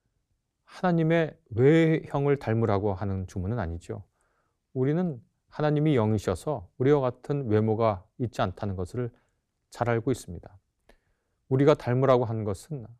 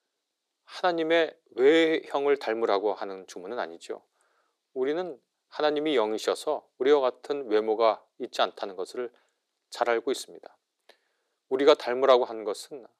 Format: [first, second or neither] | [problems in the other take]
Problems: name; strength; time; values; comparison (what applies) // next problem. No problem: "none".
first | thin; very; fading below 350 Hz